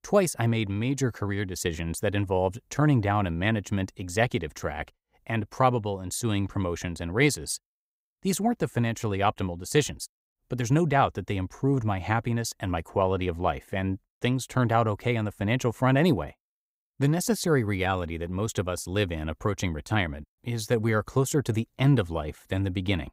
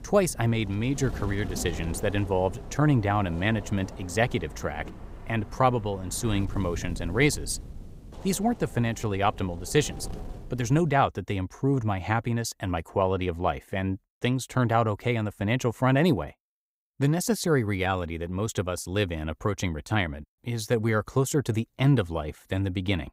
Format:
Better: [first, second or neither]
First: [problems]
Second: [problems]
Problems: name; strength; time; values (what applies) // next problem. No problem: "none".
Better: first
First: none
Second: wind noise on the microphone; occasional gusts; until 11 s; 20 dB below the speech